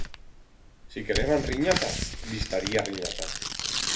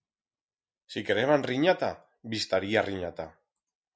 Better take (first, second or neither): second